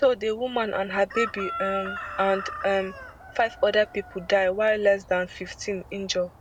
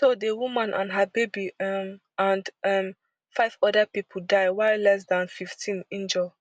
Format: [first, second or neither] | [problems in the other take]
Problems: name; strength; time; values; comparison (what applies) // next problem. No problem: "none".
second | background sound (Chicken, rooster); 13 dB below the speech